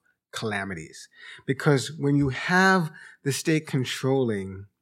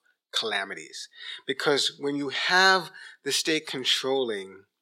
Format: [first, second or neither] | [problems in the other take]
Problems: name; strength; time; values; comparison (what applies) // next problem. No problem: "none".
first | thin; somewhat; fading below 450 Hz